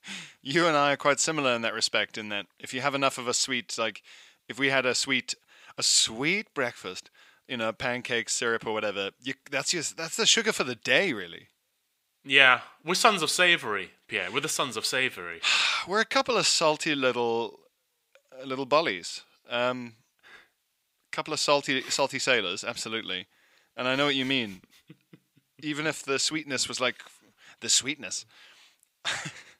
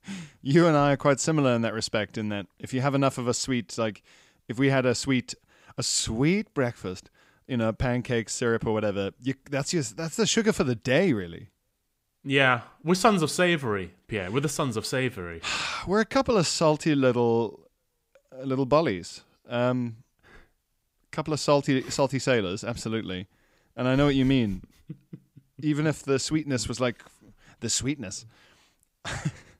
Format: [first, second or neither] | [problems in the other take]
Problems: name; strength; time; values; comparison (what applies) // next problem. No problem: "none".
second | thin; somewhat; fading below 950 Hz